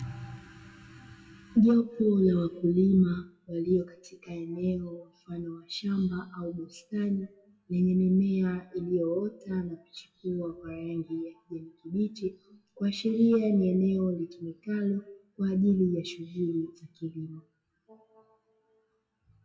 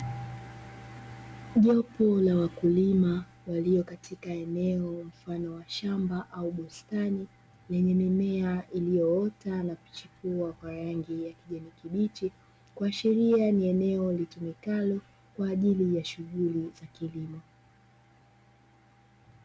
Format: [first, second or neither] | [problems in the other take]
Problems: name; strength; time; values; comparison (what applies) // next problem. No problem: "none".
second | noise reduction (classical method WPE with log-MMSE)